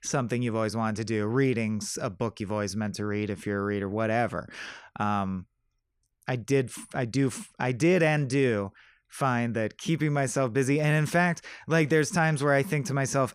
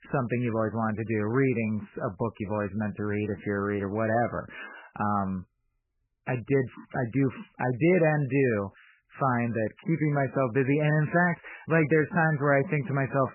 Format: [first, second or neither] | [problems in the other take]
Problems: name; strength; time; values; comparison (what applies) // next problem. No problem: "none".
first | garbled, watery; badly; nothing above 2.5 kHz